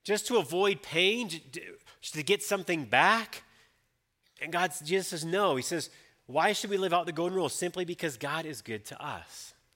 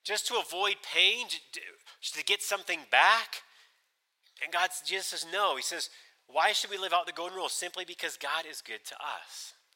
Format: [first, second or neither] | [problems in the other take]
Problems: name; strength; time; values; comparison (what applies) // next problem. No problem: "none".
first | thin; very; fading below 800 Hz